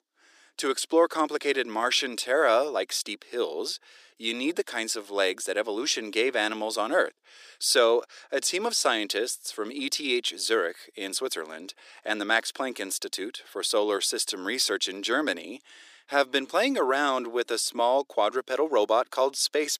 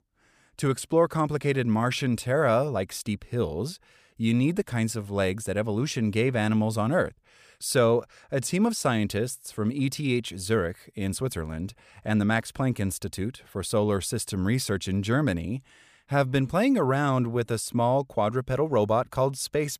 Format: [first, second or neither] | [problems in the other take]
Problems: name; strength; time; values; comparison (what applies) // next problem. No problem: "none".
second | thin; somewhat; fading below 300 Hz